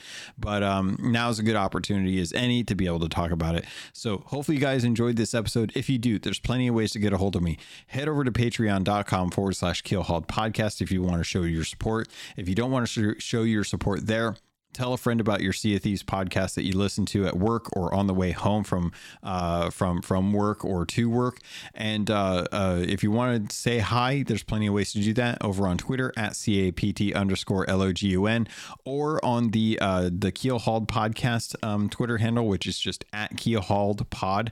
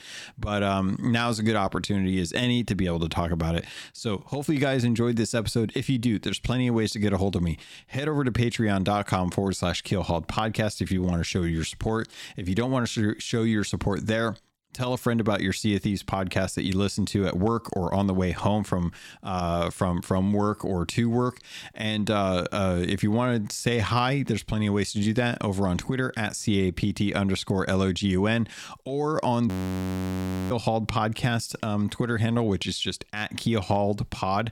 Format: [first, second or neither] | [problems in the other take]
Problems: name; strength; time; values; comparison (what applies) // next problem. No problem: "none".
first | audio freezing; at 29 s for 1 s